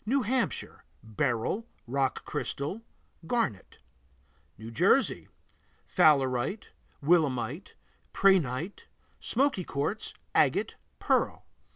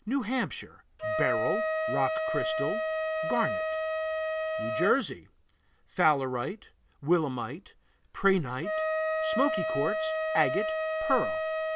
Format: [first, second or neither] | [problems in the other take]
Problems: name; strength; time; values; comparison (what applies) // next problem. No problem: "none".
first | background sound (Wind instrument, woodwind instrument); as loud as the speech